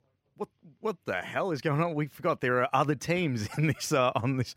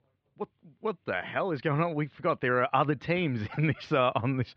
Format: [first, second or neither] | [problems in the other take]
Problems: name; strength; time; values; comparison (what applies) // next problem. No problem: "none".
first | muffled; slightly; fading above 4 kHz